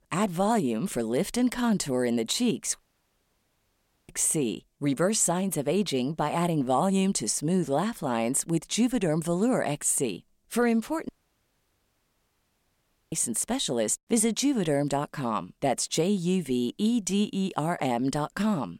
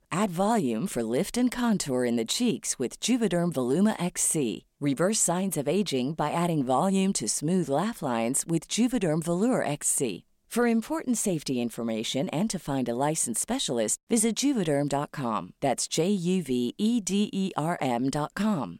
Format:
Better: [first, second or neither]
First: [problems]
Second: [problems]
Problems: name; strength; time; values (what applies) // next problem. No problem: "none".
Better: second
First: audio cutting out; at 3 s for 1.5 s and at 11 s for 2 s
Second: none